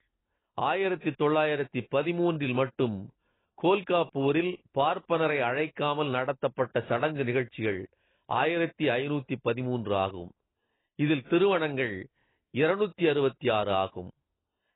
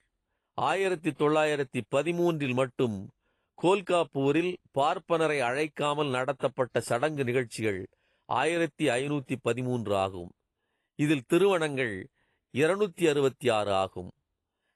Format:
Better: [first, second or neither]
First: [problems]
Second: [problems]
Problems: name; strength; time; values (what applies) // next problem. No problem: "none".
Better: second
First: garbled, watery; badly; nothing above 4 kHz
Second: garbled, watery; slightly; nothing above 11 kHz